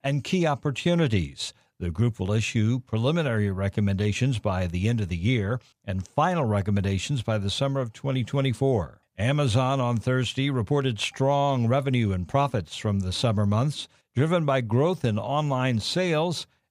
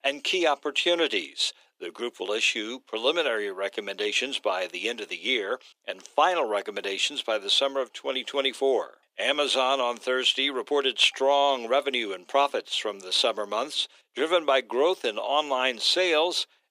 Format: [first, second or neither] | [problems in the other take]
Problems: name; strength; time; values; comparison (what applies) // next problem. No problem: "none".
first | thin; very; fading below 350 Hz